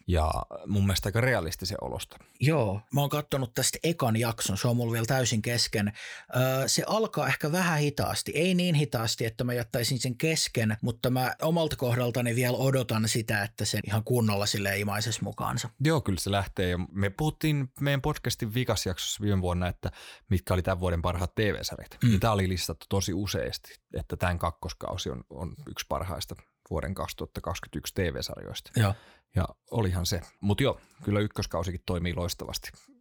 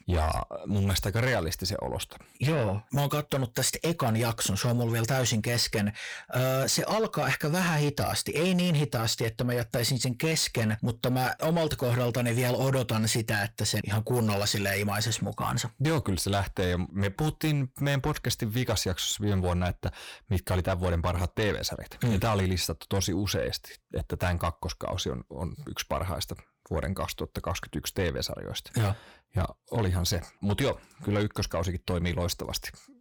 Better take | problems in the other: first | distortion; slight; 10 dB below the speech

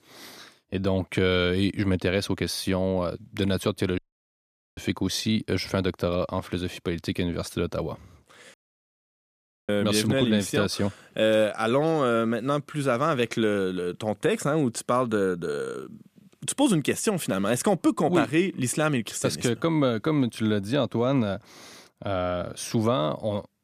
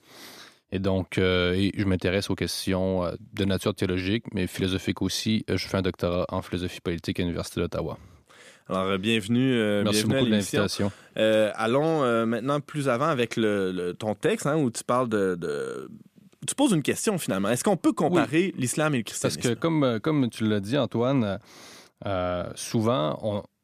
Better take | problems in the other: second | audio cutting out; at 4 s for 1 s and at 8.5 s for 1 s

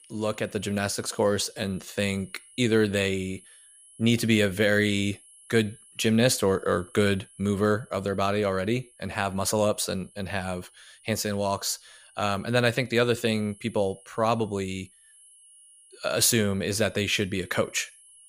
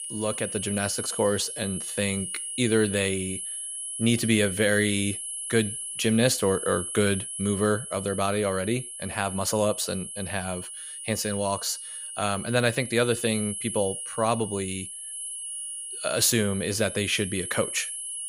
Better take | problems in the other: first | high-pitched whine; loud; throughout; 10.5 kHz, 6 dB below the speech; faint in the first

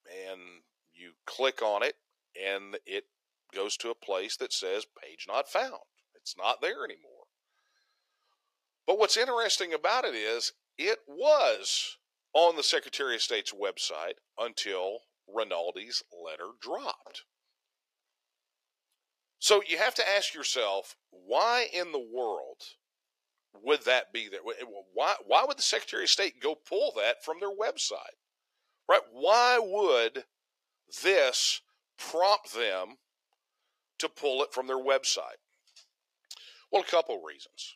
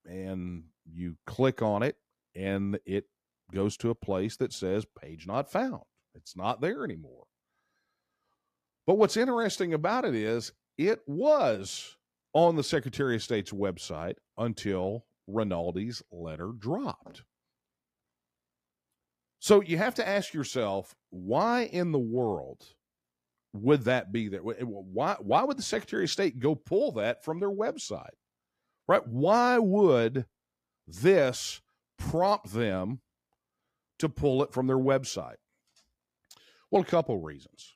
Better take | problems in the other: second | thin; very; fading below 450 Hz

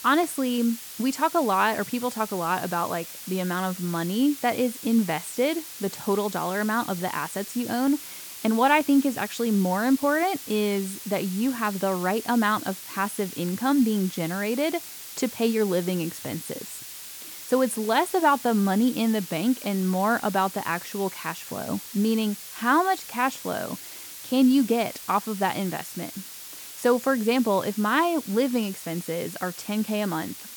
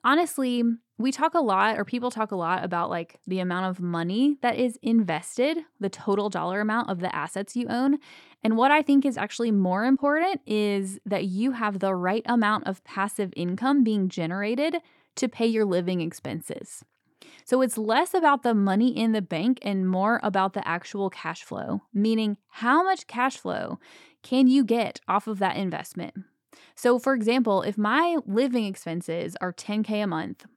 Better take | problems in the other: second | hiss; noticeable; throughout; 10 dB below the speech

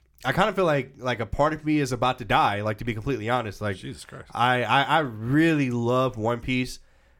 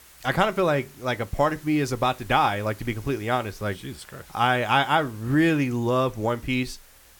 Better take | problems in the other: first | hiss; faint; throughout; 25 dB below the speech

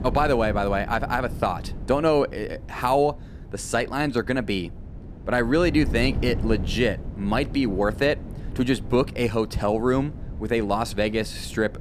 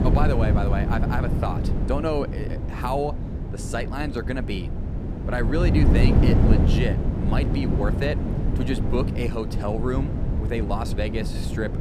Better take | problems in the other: first | wind noise on the microphone; heavy; 4 dB below the speech; occasional gusts in the first

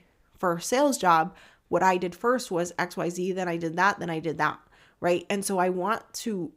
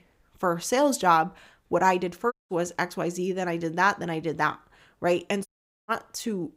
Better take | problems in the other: first | audio cutting out; at 2.5 s and at 5.5 s

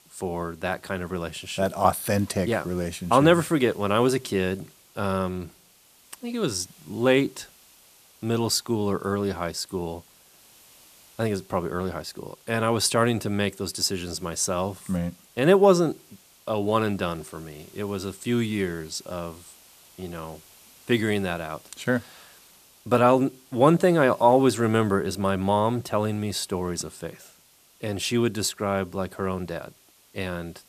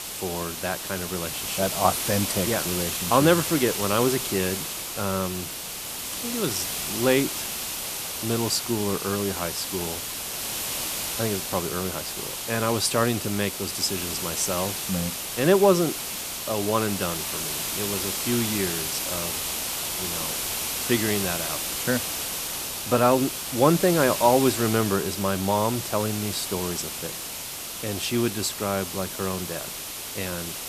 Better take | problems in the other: first | hiss; loud; throughout; 3 dB below the speech; faint in the first

